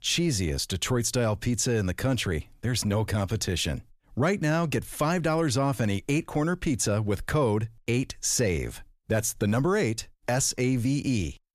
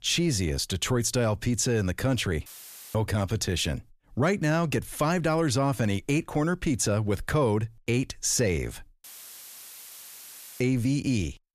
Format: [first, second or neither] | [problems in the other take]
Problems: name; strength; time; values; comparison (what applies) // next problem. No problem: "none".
first | audio cutting out; filled with static; at 2.5 s and at 9 s for 1.5 s